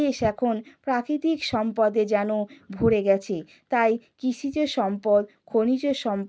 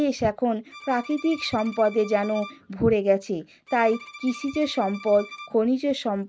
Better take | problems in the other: first | background sound (Bowed string instrument); 19 dB below the speech

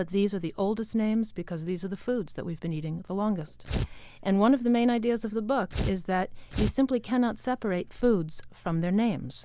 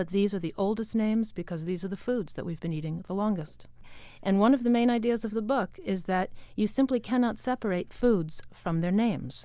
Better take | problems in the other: second | background sound (Tearing); 4 dB below the speech

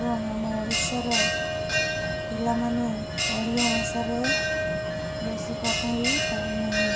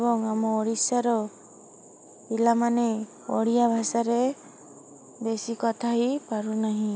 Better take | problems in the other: second | background sound (Bell); 2 dB above the speech // room echo; dies away in 0.2 s

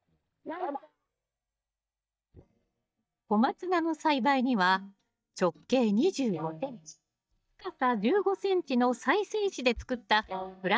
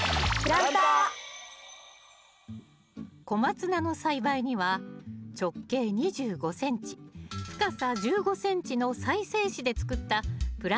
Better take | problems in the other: second | noise reduction (neural mask model DeepFilterNet 3)

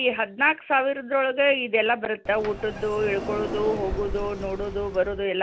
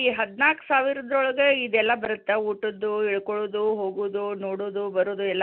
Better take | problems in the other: second | background sound (Sliding door); 11 dB below the speech

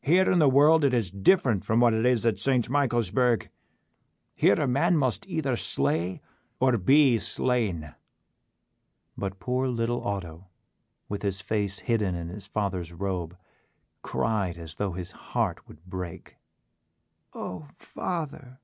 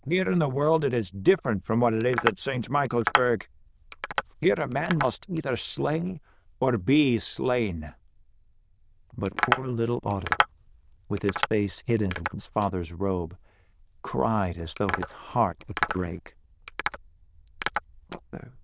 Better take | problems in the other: first | noise reduction (neural diffusion model UNIVERSE++)

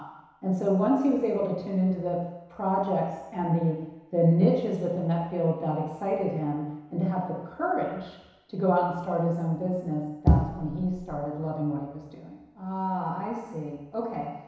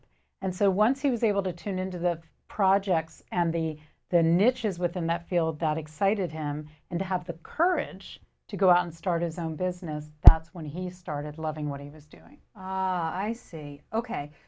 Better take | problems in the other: second | room echo; dies away in 1 s

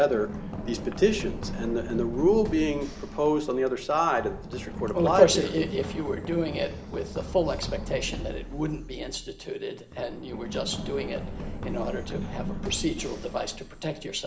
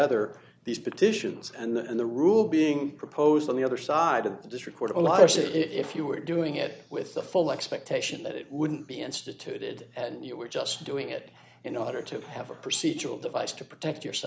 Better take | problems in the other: second | background sound (Run); 8 dB below the speech // room echo; dies away in 1.4 s

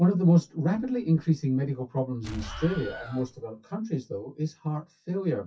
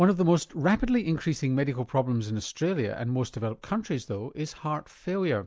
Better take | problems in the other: second | noise reduction (classical method WPE with log-MMSE)

